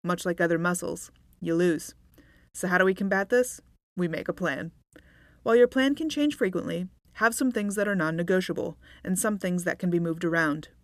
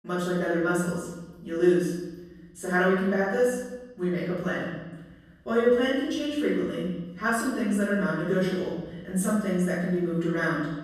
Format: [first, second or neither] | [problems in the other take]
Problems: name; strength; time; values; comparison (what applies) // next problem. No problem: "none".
first | off-mic speech; far // room echo; strong; dies away in 1.1 s